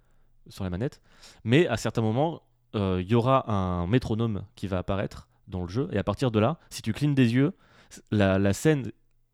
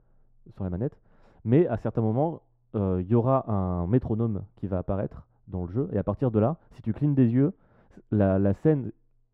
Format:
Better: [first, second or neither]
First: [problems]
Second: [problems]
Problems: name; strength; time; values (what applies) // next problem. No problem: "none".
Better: first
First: none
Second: muffled; very; fading above 2.5 kHz